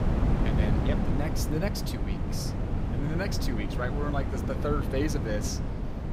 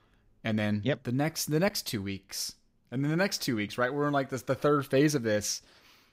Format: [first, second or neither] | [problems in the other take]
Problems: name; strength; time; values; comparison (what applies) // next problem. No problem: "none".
second | wind noise on the microphone; heavy; 2 dB below the speech